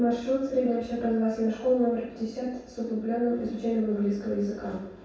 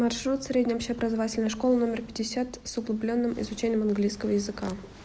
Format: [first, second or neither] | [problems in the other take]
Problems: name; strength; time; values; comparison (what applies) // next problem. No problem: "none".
second | room echo; dies away in 0.7 s